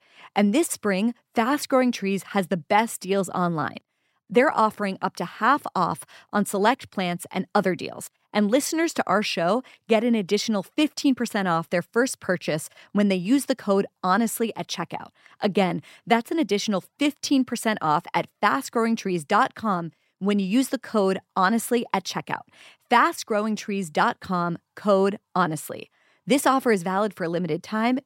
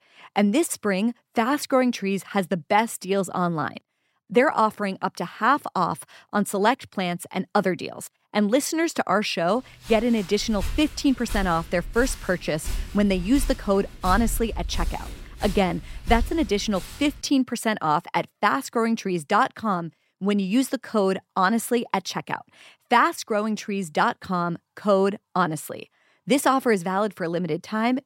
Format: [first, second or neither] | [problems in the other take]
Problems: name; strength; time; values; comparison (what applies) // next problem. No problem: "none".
first | footsteps; noticeable; from 10 to 17 s; peak 7 dB below the speech